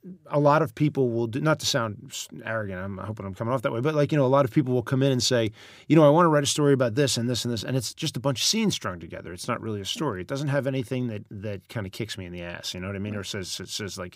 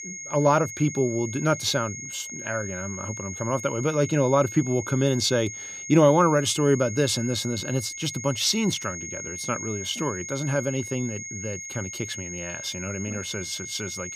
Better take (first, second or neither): first